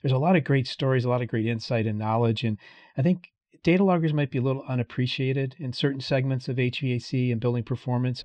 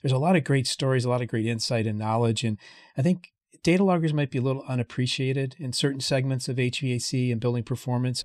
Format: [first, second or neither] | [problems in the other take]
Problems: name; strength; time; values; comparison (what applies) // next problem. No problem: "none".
second | muffled; very slightly; fading above 4 kHz